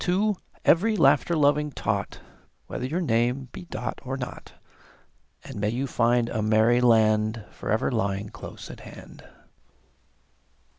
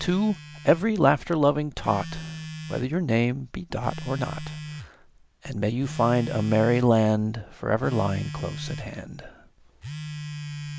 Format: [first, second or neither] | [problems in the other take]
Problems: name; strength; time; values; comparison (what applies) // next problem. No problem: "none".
first | background sound (Telephone); 12 dB below the speech